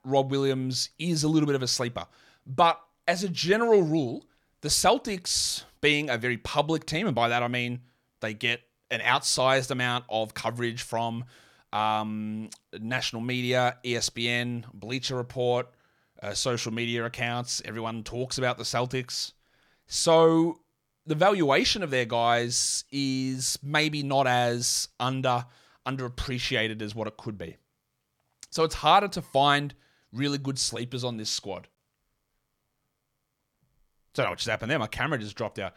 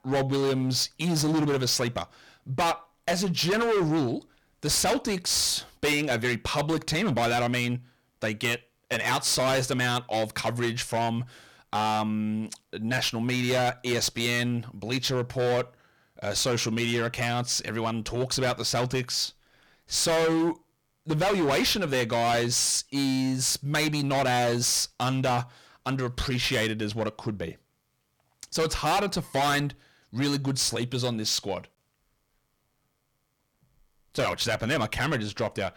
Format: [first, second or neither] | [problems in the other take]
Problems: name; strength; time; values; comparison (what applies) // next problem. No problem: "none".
first | distortion; heavy; 15% of the sound clipped